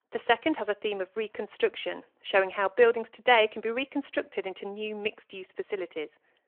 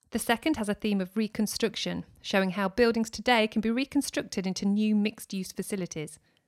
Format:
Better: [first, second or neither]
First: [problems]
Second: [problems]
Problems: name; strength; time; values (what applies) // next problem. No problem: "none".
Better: second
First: phone-call audio; nothing above 3 kHz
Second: none